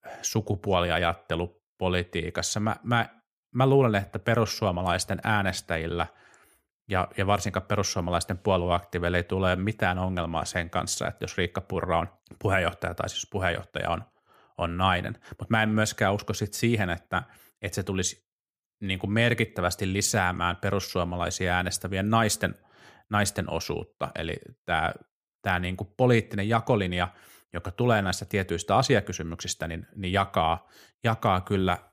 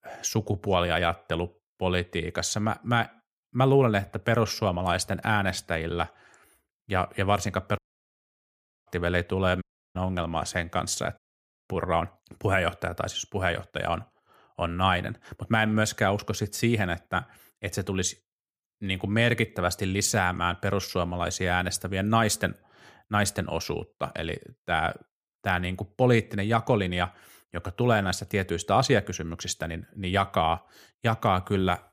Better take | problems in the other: first | audio cutting out; at 8 s for 1 s, at 9.5 s and at 11 s for 0.5 s

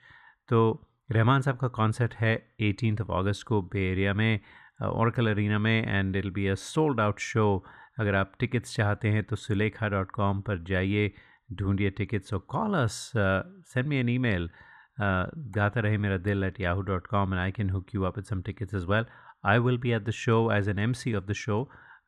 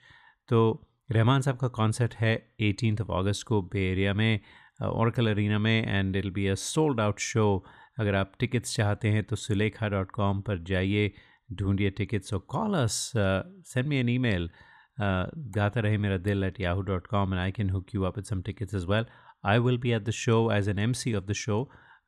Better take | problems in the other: second | muffled; slightly; fading above 4 kHz

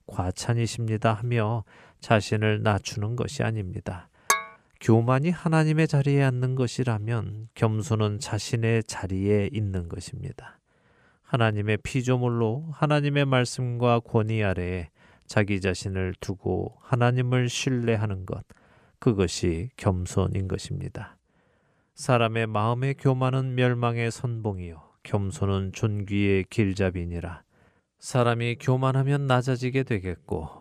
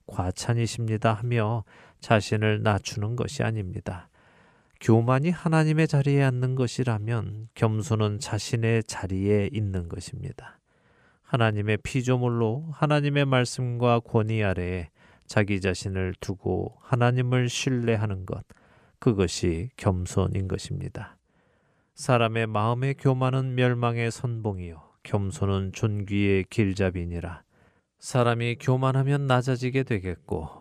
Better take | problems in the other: second | clattering dishes; loud; at 4.5 s; peak 1 dB above the speech

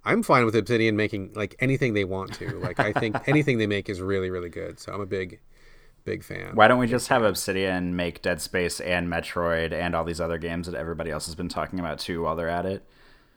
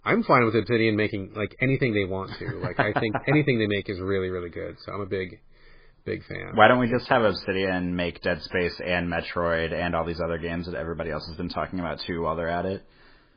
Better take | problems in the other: first | garbled, watery; badly

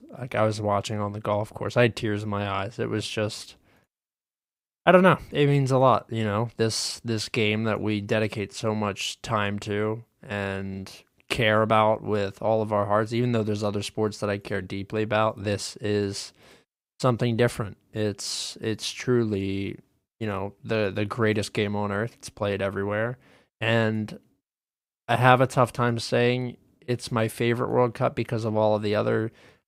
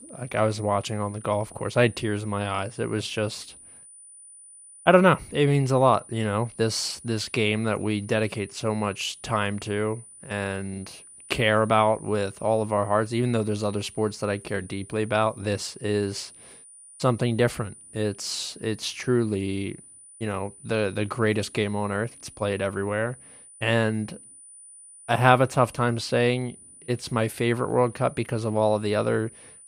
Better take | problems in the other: first | high-pitched whine; noticeable; throughout; 9.5 kHz, 20 dB below the speech

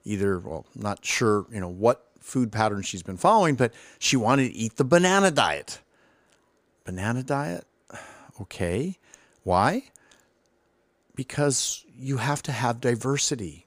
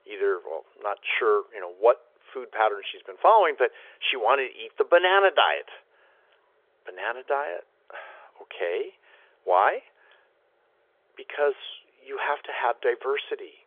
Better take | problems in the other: first | phone-call audio; nothing above 3.5 kHz

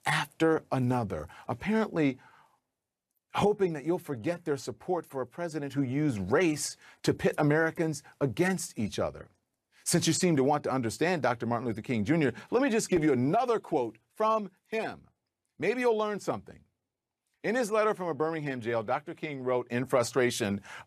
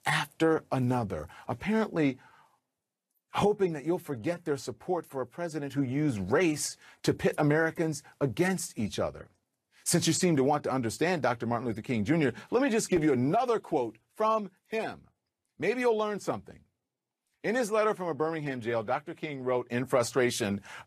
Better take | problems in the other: first | garbled, watery; slightly; nothing above 14.5 kHz

